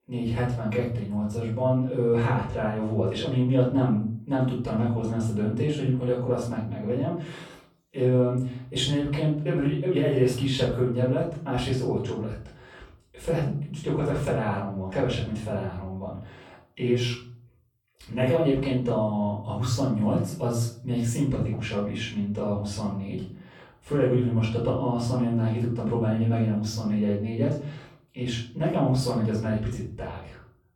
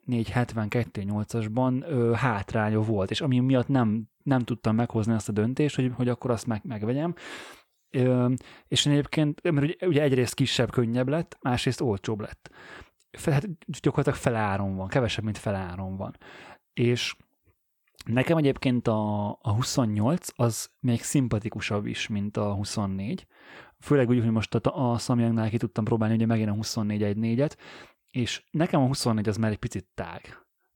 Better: second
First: off-mic speech; far // room echo; noticeable; dies away in 0.5 s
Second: none

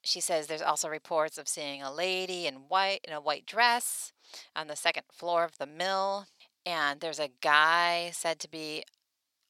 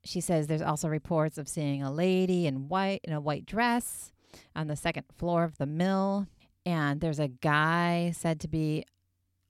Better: second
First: thin; very; fading below 750 Hz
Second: none

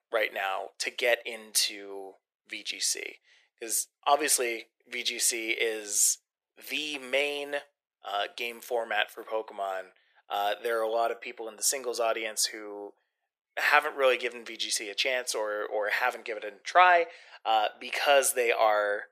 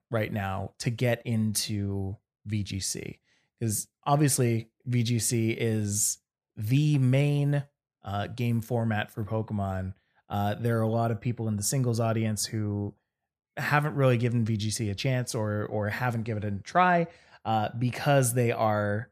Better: second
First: thin; very; fading below 400 Hz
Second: none

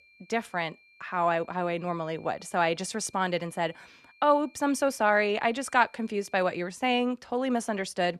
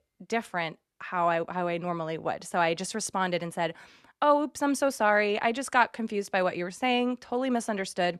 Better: second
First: high-pitched whine; faint; until 6.5 s; 2.5 kHz, 30 dB below the speech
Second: none

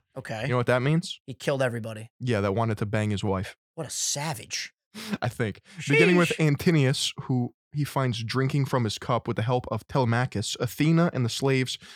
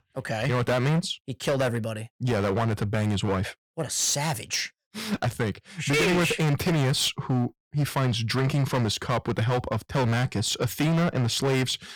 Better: first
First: none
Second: distortion; heavy; 17% of the sound clipped

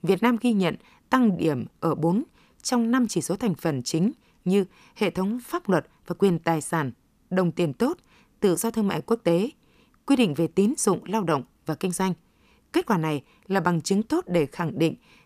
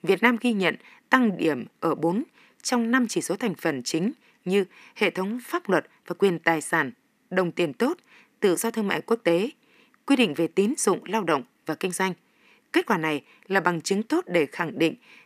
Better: first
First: none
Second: thin; very slightly; fading below 250 Hz

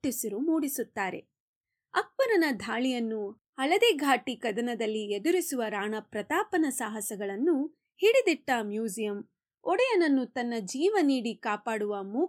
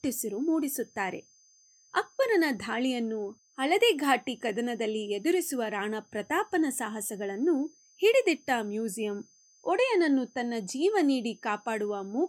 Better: first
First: none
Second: high-pitched whine; faint; throughout; 6 kHz, 30 dB below the speech

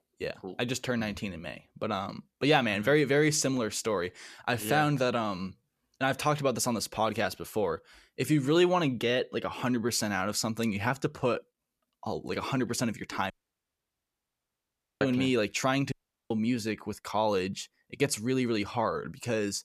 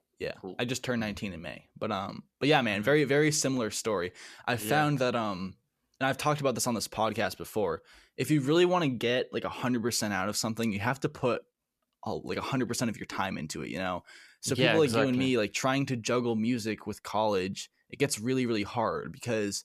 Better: second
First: audio cutting out; at 13 s for 1.5 s and at 16 s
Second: none

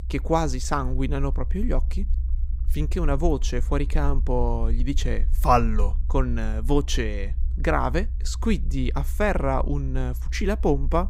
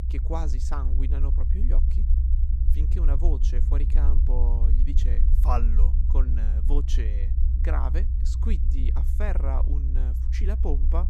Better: first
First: low rumble; faint; throughout; 25 dB below the speech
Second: low rumble; loud; throughout; 6 dB below the speech

